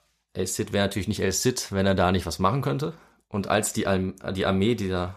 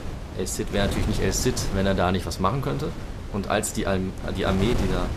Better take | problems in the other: first | wind noise on the microphone; heavy; 10 dB below the speech

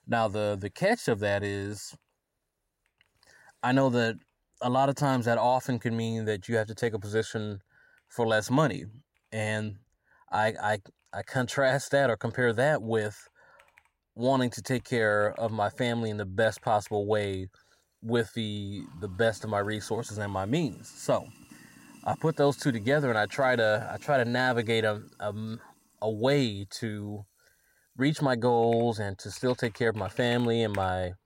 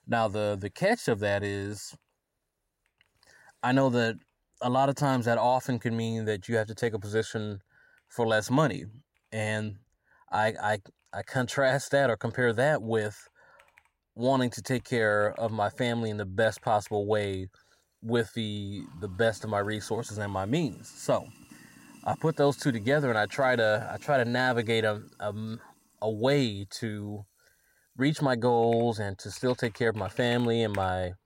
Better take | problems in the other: neither | household noises; faint; throughout; 25 dB below the speech; the same in both

